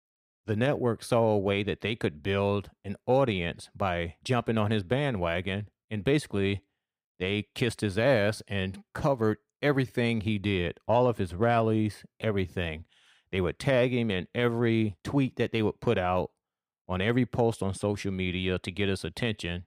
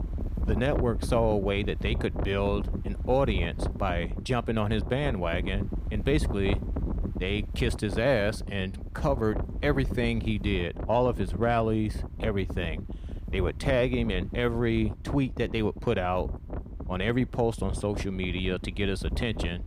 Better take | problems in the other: first | wind noise on the microphone; occasional gusts; 15 dB below the speech

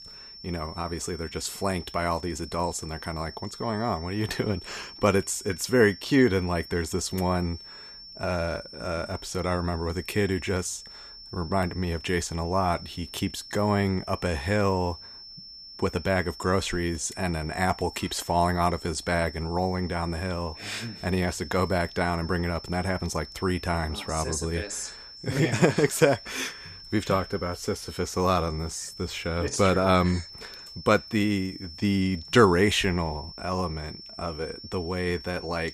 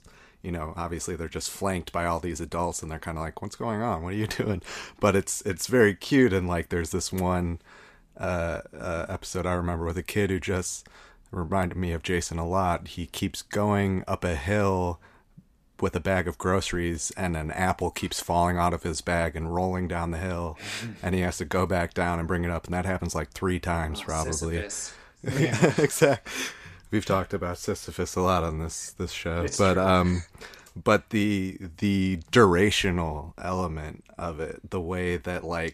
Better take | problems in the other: second | high-pitched whine; noticeable; throughout; 5.5 kHz, 15 dB below the speech

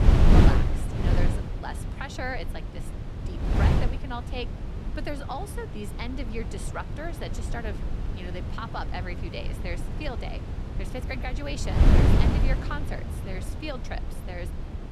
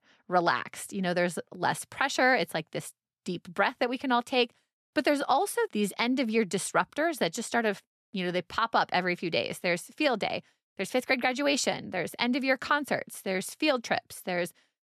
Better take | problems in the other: second | wind noise on the microphone; heavy; as loud as the speech

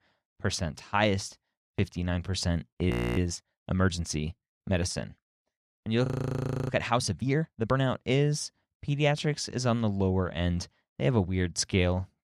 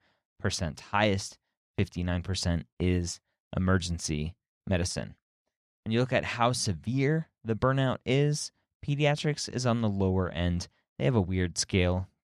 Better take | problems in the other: second | audio freezing; at 3 s and at 6 s for 0.5 s

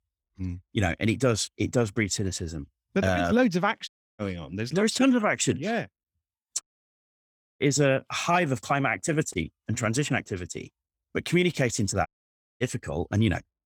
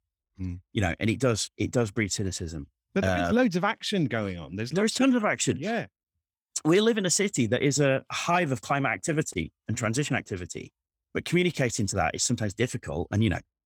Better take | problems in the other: second | audio cutting out; at 4 s, at 6.5 s for 1 s and at 12 s for 0.5 s

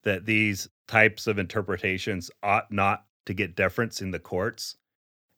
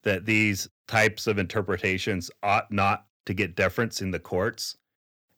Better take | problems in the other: first | distortion; slight; 10 dB below the speech

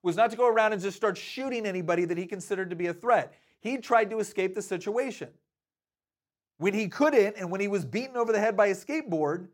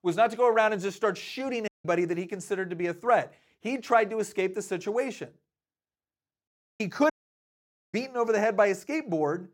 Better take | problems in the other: first | audio cutting out; at 1.5 s, at 6.5 s and at 7 s for 1 s

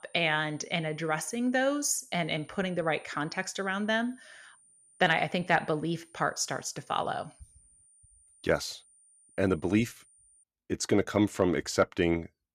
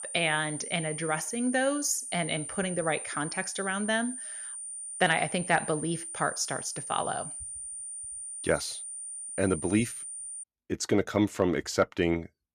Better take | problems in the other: first | high-pitched whine; loud; until 10 s; 9 kHz, 7 dB below the speech; faint in the first

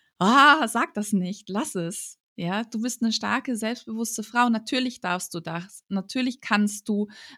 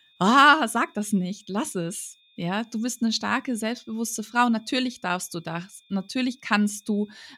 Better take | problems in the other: first | high-pitched whine; faint; throughout; 3.5 kHz, 35 dB below the speech

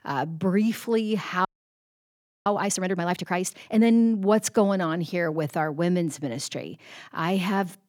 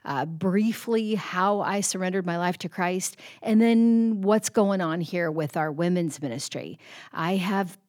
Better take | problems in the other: second | audio freezing; at 1.5 s for 1 s

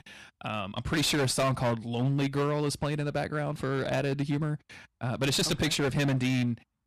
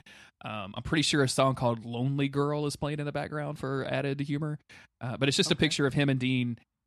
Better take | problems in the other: second | distortion; heavy; 16% of the sound clipped

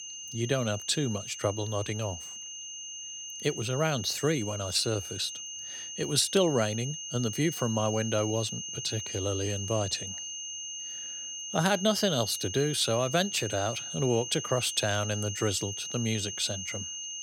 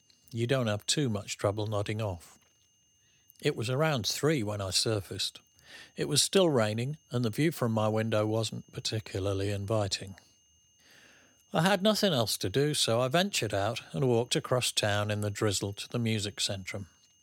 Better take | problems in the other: second | high-pitched whine; loud; throughout; 6.5 kHz, 7 dB below the speech; faint in the second

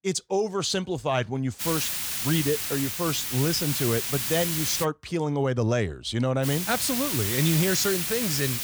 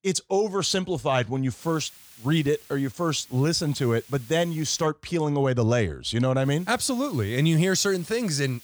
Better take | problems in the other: second | hiss; loud; from 1.5 to 5 s and from 6.5 s on; as loud as the speech; faint in the second

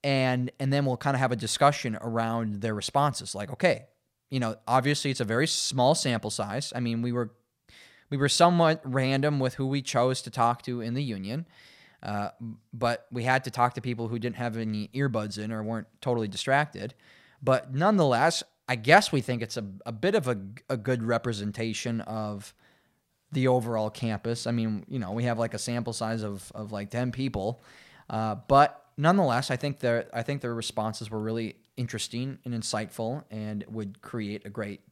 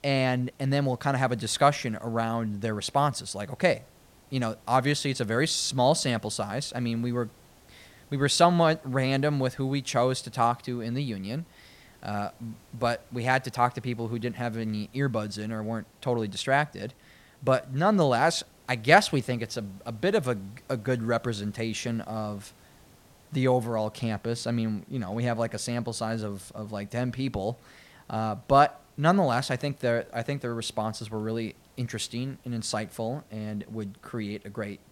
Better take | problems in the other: first | hiss; faint; throughout; 30 dB below the speech

